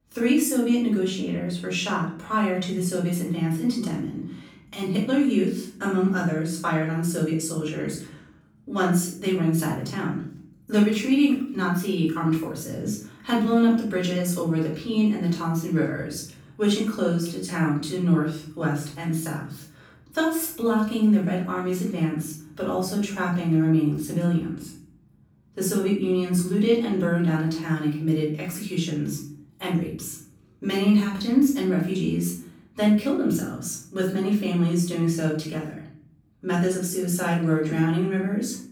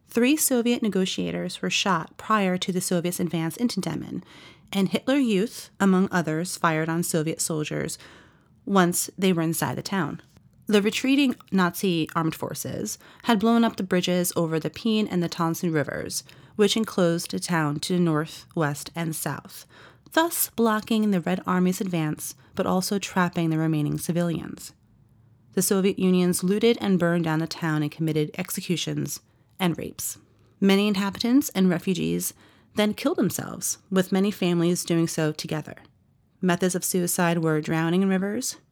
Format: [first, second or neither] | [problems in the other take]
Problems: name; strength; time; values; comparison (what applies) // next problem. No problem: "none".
second | off-mic speech; far // room echo; noticeable; dies away in 0.5 s